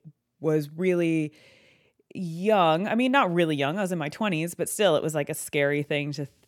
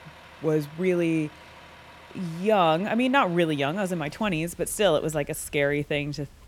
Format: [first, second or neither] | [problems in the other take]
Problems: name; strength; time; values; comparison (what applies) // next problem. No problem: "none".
first | traffic noise; faint; throughout; 25 dB below the speech